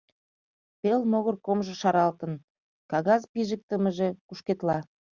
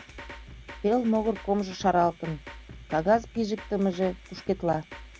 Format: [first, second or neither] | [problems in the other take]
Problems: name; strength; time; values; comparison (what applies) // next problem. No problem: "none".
first | background sound (Drum kit); 16 dB below the speech